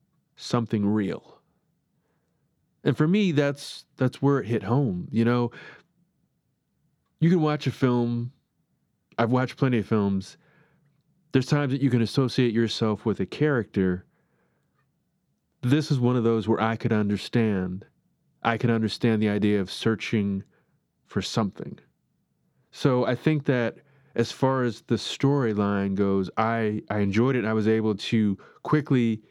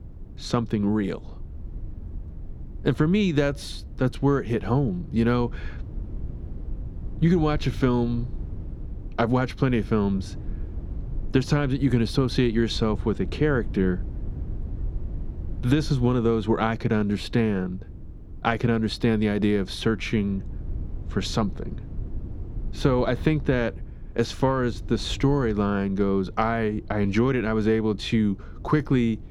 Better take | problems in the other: first | low rumble; faint; throughout; 25 dB below the speech

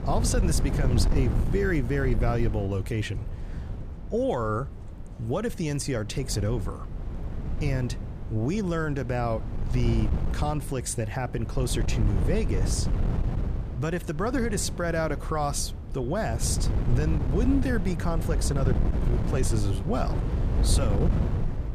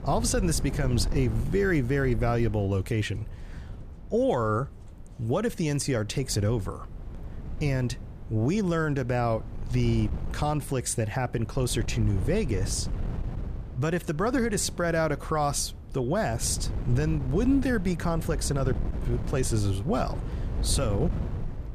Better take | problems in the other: second | wind noise on the microphone; heavy; 9 dB below the speech; occasional gusts in the second

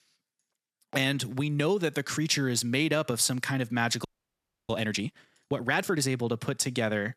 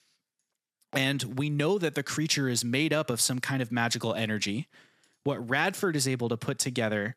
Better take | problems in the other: second | audio freezing; at 4 s for 0.5 s

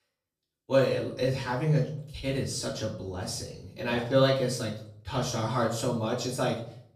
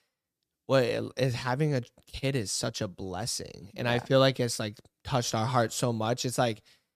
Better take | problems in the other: second | off-mic speech; far // room echo; slight; dies away in 0.5 s

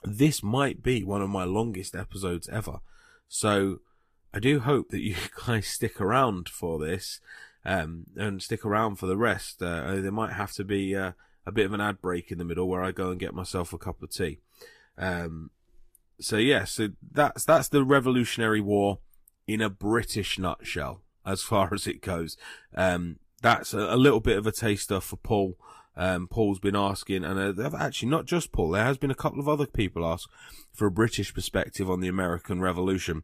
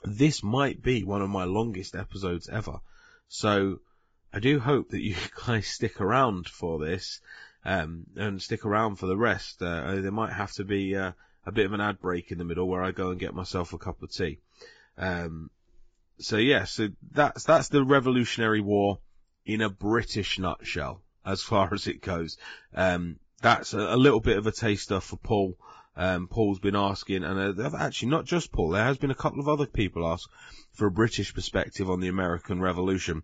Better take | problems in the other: first | garbled, watery; badly; nothing above 7.5 kHz; slightly in the first

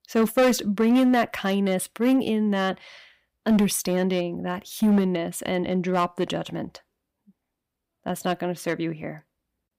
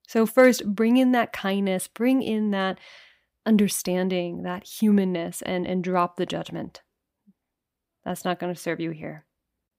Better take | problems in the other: second | distortion; slight; 4% of the sound clipped

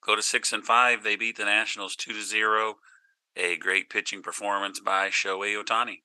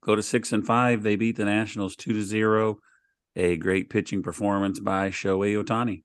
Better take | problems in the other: second | thin; very; fading below 900 Hz

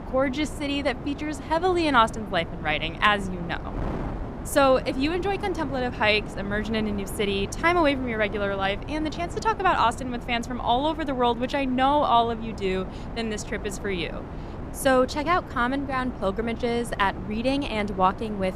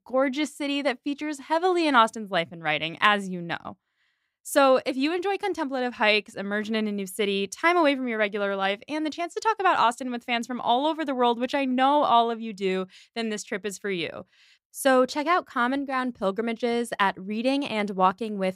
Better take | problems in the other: second | wind noise on the microphone; occasional gusts; 15 dB below the speech

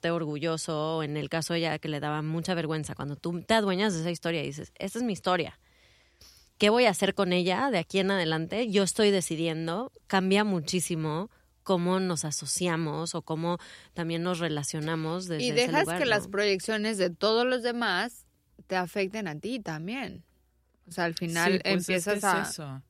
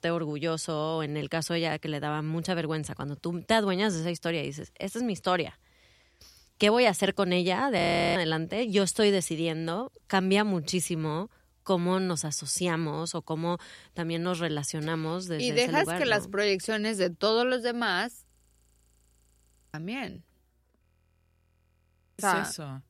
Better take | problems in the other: first | audio freezing; at 8 s, at 18 s for 1.5 s and at 21 s for 1.5 s

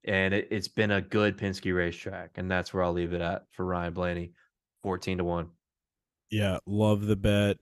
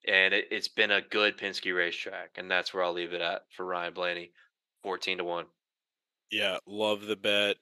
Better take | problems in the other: first | thin; very; fading below 450 Hz

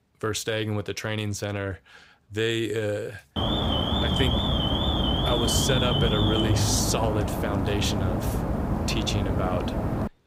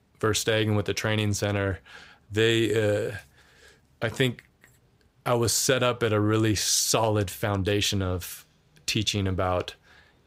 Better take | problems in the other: second | alarm; loud; from 3.5 s on; peak 5 dB above the speech

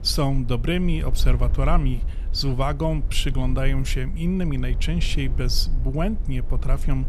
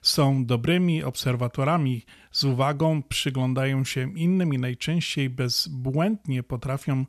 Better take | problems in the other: second | low rumble; noticeable; throughout; 20 dB below the speech

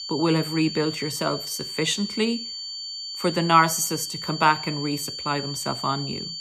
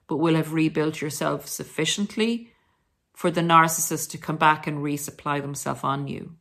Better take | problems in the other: second | high-pitched whine; loud; throughout; 4.5 kHz, 7 dB below the speech

